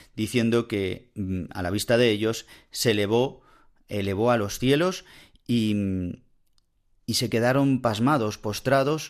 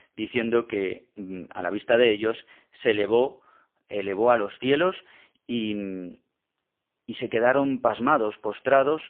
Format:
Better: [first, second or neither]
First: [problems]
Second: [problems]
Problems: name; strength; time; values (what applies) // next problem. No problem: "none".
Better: first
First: none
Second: phone-call audio; poor line; nothing above 3 kHz